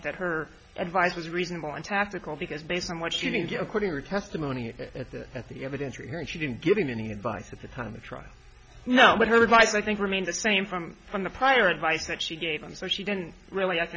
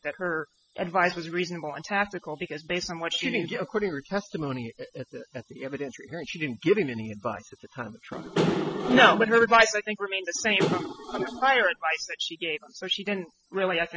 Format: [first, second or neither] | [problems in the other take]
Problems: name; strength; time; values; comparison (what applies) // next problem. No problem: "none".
first | noise reduction (classical method spectral subtraction)